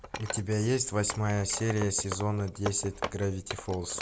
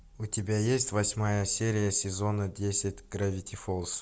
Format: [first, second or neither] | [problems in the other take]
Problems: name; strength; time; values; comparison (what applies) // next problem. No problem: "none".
second | background sound (Wood); 10 dB below the speech